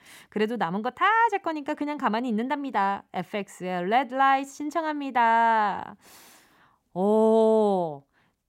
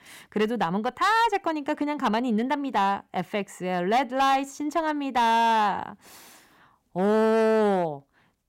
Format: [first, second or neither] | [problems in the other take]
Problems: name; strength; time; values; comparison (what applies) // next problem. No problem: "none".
first | distortion; slight; 8% of the sound clipped